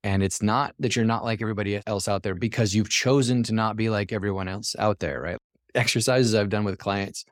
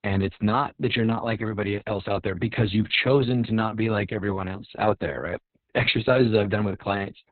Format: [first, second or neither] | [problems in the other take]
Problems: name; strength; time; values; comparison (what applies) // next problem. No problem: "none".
first | garbled, watery; badly; nothing above 4 kHz